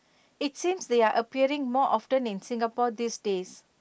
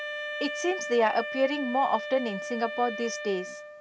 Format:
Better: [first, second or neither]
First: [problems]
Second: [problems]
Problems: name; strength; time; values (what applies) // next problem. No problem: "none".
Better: first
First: none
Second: background sound (Wind instrument, woodwind instrument); 7 dB below the speech